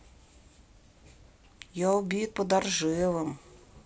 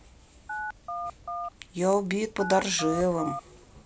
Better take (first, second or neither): first